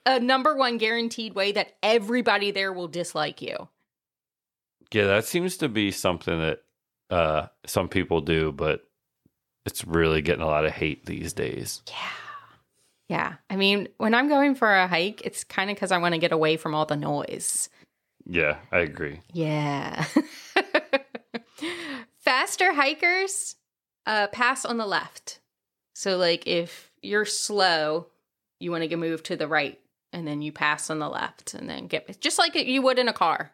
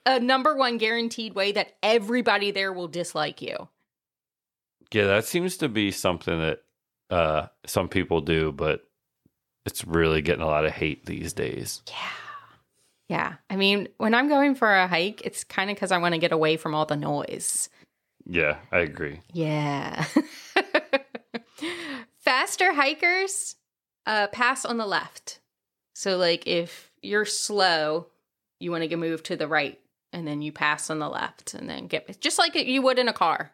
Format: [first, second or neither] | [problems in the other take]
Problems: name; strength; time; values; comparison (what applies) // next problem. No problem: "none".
neither | none